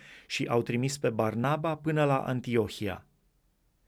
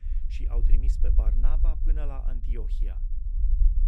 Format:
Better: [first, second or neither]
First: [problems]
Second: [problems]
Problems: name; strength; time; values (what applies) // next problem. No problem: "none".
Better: first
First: none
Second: low rumble; loud; throughout; 5 dB below the speech